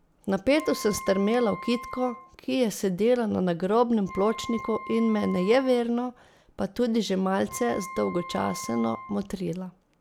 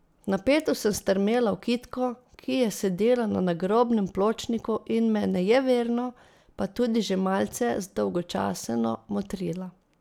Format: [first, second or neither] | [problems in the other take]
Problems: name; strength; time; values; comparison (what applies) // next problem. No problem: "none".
second | background sound (Wind instrument, woodwind instrument); 15 dB below the speech